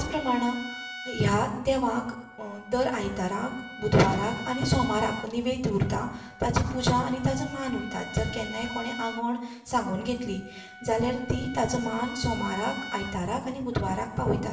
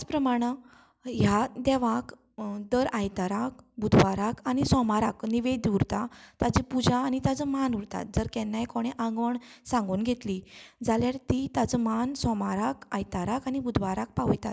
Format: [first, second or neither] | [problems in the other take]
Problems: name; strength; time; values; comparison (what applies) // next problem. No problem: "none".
second | background sound (Trumpet); 14 dB below the speech // room echo; dies away in 0.9 s